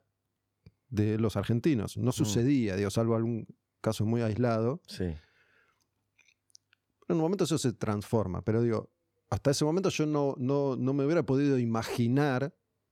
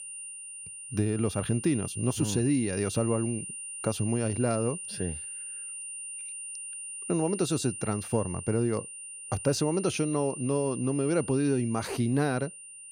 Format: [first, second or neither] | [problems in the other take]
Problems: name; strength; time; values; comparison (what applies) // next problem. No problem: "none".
first | high-pitched whine; loud; throughout; 9 kHz, 8 dB below the speech